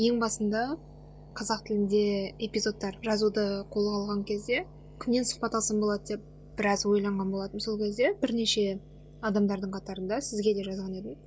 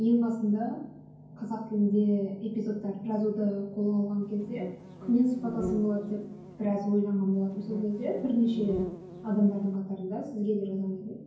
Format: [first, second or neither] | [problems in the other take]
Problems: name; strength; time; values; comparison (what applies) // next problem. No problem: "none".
first | background sound (Insect); 11 dB below the speech // room echo; dies away in 0.9 s